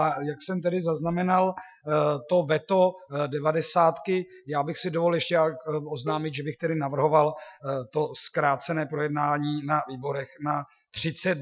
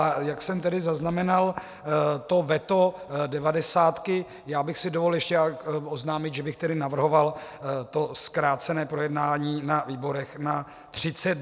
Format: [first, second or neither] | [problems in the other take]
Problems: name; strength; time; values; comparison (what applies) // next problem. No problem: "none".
second | noise reduction (classical method Wiener filter)